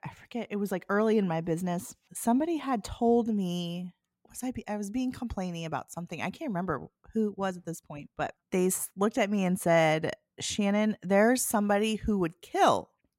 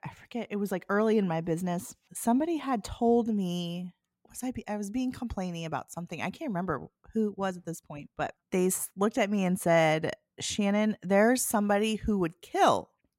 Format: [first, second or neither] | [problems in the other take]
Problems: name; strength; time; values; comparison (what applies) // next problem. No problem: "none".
neither | none